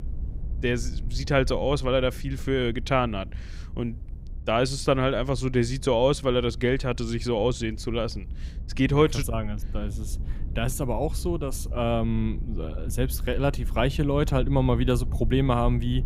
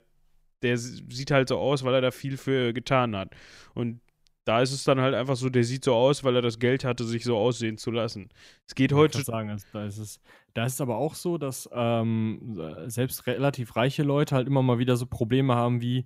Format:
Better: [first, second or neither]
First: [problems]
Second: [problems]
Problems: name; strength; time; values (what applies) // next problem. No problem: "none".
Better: second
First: low rumble; faint; throughout; 25 dB below the speech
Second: none